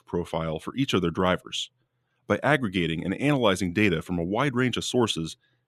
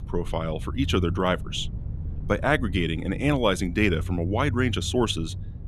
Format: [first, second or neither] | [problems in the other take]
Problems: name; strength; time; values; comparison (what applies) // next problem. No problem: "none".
first | low rumble; faint; throughout; 20 dB below the speech